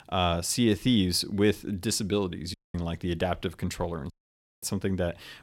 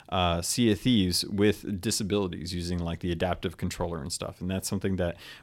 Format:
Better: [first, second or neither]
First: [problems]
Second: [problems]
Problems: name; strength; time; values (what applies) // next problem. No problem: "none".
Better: second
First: audio cutting out; at 2.5 s and at 4 s for 0.5 s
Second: none